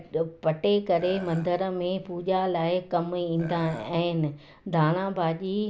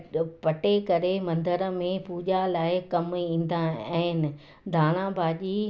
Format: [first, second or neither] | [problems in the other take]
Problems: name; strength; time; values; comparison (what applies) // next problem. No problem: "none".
second | background sound (Burping, eructation); 16 dB below the speech